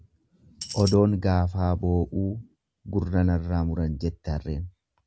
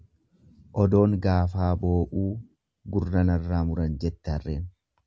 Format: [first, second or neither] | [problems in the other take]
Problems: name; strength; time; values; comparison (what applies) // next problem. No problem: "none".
second | background sound (Tambourine); 9 dB below the speech